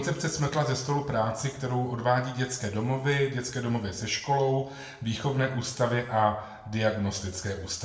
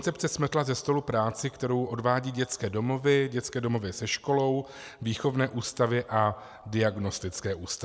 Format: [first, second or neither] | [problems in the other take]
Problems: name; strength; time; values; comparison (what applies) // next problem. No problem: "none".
second | room echo; dies away in 0.6 s